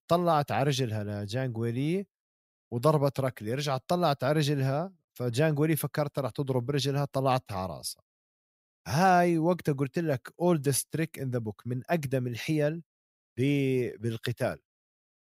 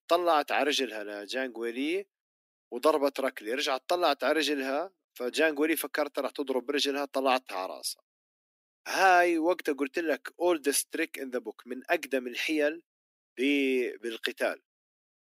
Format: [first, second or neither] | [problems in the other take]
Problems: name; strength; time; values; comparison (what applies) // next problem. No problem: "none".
first | thin; somewhat; fading below 250 Hz